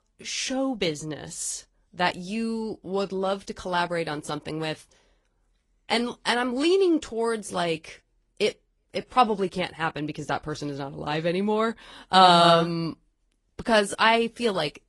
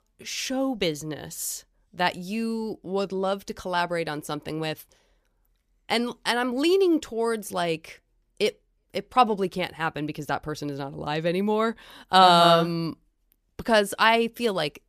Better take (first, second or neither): second